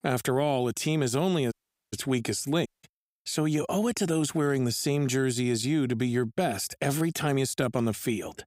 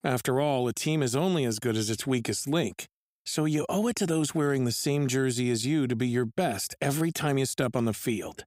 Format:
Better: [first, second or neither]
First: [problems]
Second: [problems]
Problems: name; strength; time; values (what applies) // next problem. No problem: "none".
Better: second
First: audio cutting out; at 1.5 s and at 2.5 s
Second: none